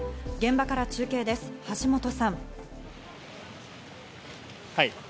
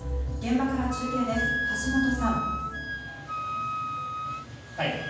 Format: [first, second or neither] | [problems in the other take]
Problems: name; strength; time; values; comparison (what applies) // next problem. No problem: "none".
first | background sound (Wind instrument, woodwind instrument); 3 dB below the speech // room echo; dies away in 1.2 s